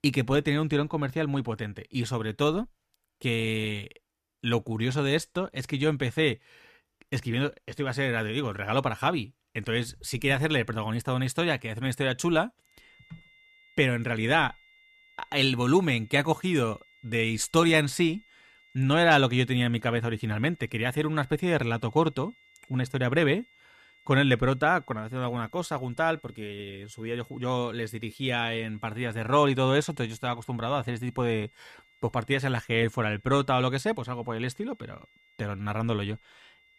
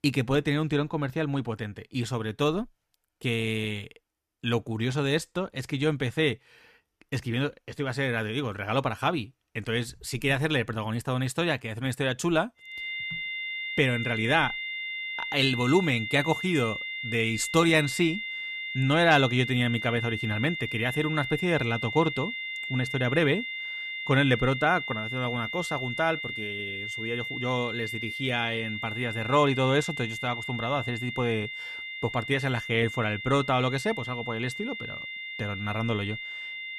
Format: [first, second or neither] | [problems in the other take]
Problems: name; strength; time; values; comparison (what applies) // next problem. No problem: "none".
first | high-pitched whine; loud; from 13 s on; 2 kHz, 5 dB below the speech; faint in the first